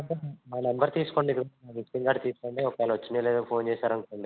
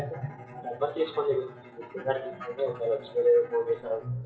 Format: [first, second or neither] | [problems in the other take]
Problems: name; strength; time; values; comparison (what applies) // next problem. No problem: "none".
first | noise reduction (classical method WPE with log-MMSE)